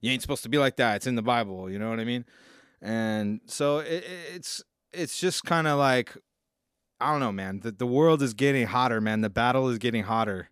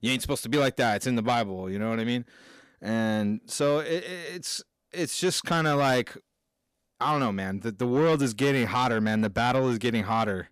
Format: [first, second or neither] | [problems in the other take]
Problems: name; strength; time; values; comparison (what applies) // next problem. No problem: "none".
first | distortion; slight; 10 dB below the speech